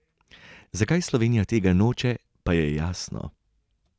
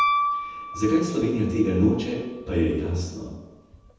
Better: first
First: none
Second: background sound (Piano); 6 dB below the speech // room echo; dies away in 1.1 s

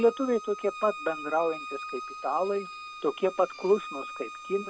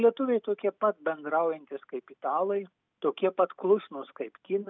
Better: second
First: background sound (Bowed string instrument); 11 dB below the speech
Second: none

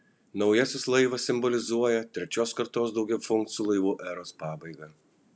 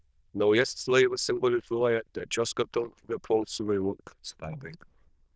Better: first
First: none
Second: noise reduction (neural diffusion model UNIVERSE++)

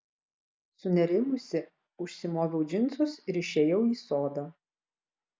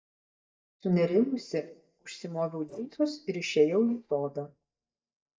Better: first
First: none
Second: noise reduction (neural mask model DeepFilterNet 3)

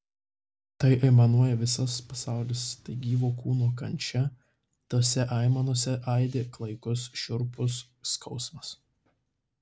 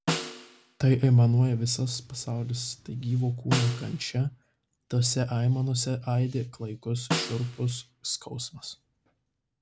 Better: first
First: none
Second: background sound (Snare drum); 9 dB below the speech

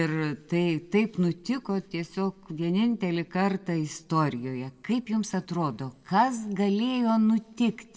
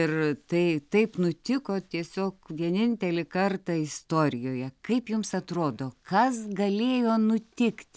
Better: second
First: room echo; dies away in 0.7 s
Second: none

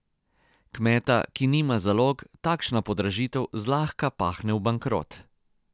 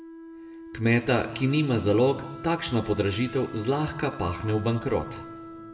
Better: first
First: none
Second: background sound (Wind instrument, woodwind instrument); 15 dB below the speech // room echo; dies away in 1 s

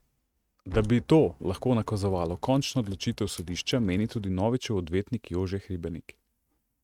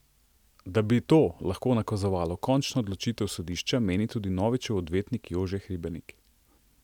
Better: second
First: noise reduction (neural mask model RNNoise)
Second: none

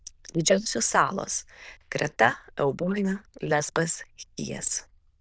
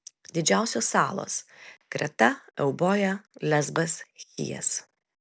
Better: second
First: noise reduction (neural diffusion model UNIVERSE++)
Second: none

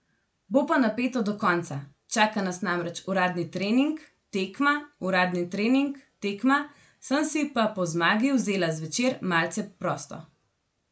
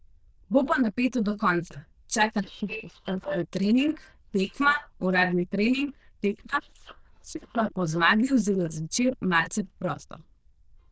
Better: first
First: none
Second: noise reduction (neural diffusion model UNIVERSE++)

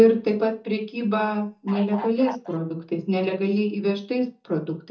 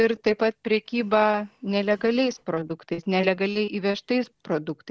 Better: second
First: noise reduction (neural mask model DeepFilterNet 3)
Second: none

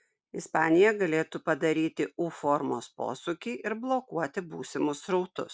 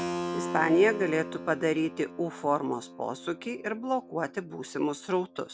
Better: first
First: none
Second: background sound (Keyboard (musical)); 10 dB below the speech

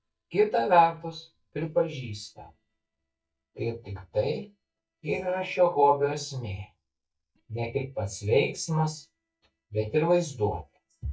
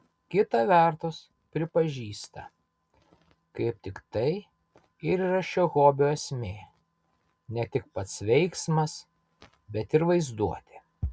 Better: second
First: noise reduction (neural mask model DeepFilterNet 3)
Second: none

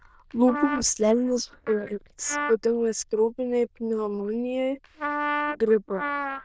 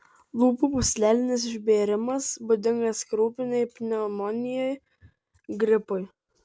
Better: second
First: noise reduction (neural diffusion model UNIVERSE++)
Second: none

